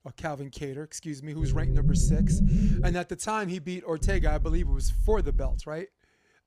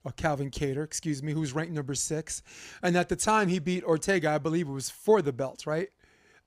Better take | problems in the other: second | low rumble; loud; from 1.5 to 3 s and from 4 to 5.5 s; 3 dB below the speech

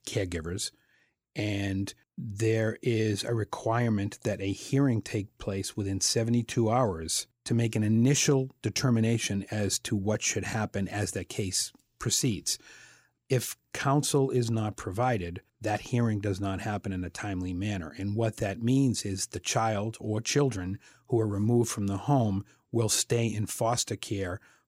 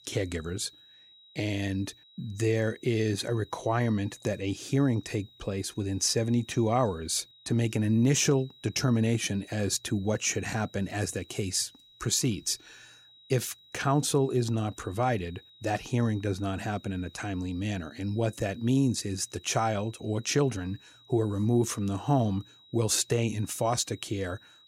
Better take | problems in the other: first | high-pitched whine; faint; throughout; 4 kHz, 25 dB below the speech

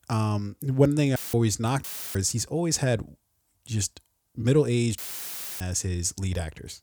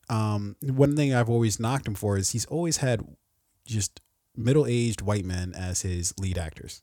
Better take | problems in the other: second | audio cutting out; filled with static; at 1 s, at 2 s and at 5 s for 0.5 s

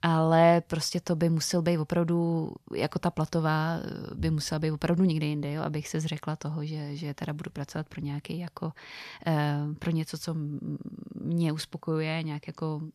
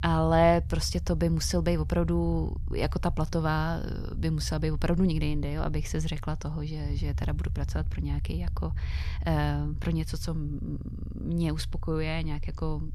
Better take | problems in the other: first | low rumble; faint; throughout; 20 dB below the speech

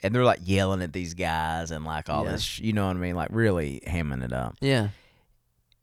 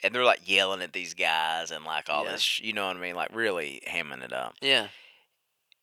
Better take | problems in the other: first | thin; very; fading below 500 Hz

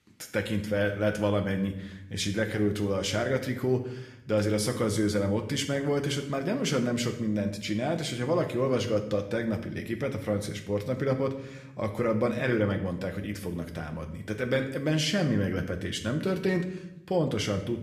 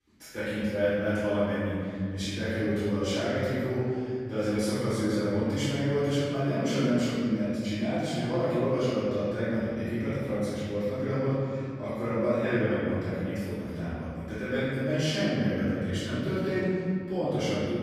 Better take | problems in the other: first | room echo; strong; dies away in 2.1 s; slight in the first // off-mic speech; far

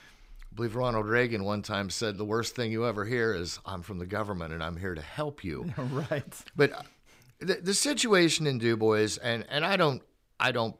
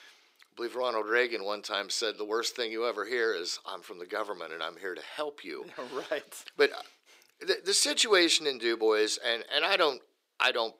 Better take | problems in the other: first | thin; very; fading below 350 Hz

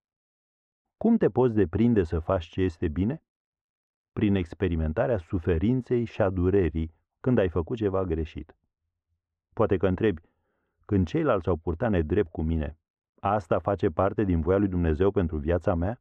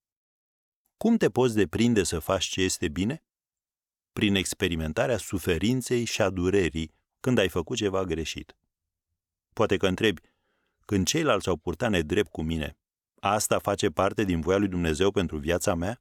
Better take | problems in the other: second | muffled; very; fading above 1.5 kHz

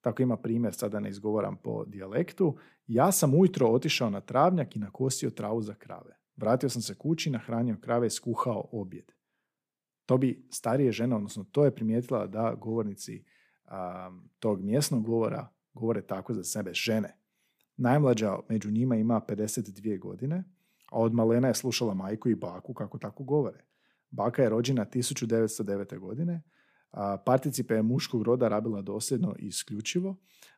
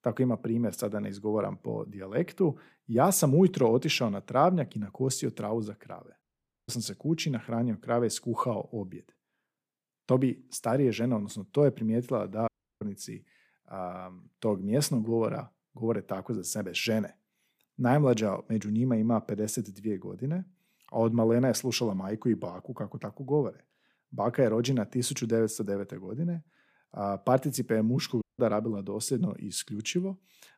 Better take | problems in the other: first | audio cutting out; at 6 s, at 12 s and at 28 s

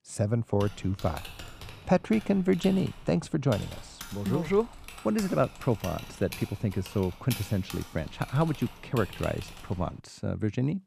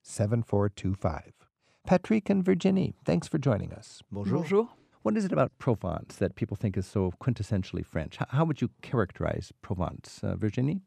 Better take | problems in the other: second | keyboard typing; noticeable; from 0.5 to 10 s; peak 8 dB below the speech

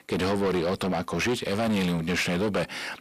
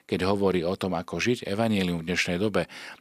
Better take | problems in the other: second | distortion; heavy; 7 dB below the speech

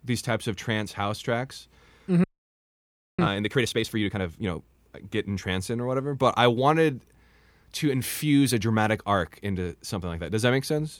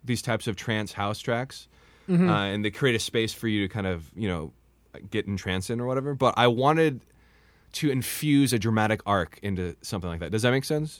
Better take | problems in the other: second | audio freezing; at 2 s for 1 s

